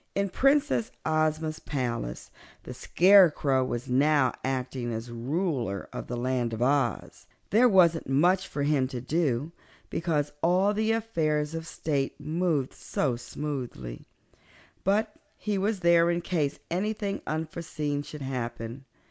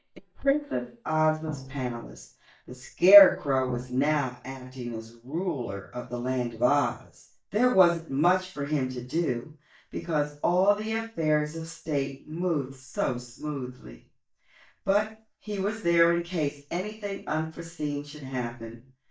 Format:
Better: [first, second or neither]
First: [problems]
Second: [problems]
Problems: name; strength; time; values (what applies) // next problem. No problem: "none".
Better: first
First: none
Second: noise reduction (neural mask model DeepFilterNet 3)